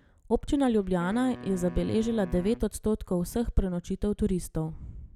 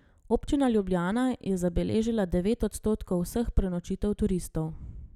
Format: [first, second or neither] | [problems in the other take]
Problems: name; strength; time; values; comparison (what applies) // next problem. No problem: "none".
second | background sound (Wind instrument, woodwind instrument); 18 dB below the speech